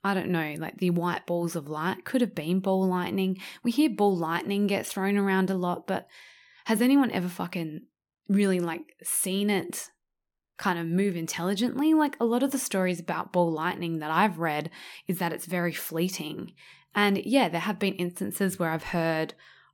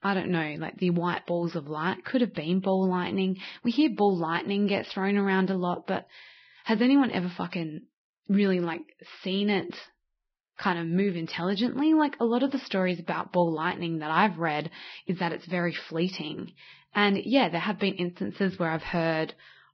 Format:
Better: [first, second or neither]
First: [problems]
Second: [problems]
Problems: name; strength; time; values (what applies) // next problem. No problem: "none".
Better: first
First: none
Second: garbled, watery; badly; nothing above 5.5 kHz